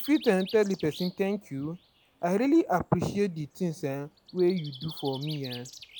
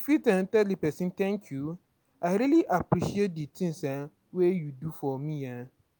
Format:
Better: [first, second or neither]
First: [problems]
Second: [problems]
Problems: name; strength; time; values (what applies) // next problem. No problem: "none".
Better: second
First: background sound (Bird); 19 dB below the speech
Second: none